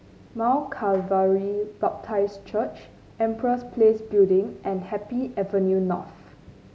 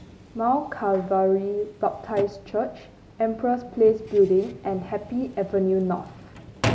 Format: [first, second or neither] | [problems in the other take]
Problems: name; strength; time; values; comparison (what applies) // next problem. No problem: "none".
first | background sound (Drawer open or close); 13 dB below the speech